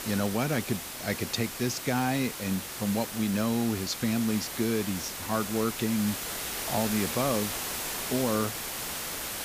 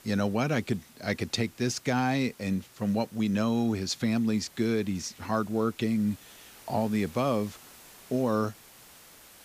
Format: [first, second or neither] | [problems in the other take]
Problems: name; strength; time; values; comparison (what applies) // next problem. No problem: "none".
second | hiss; loud; throughout; 4 dB below the speech; faint in the second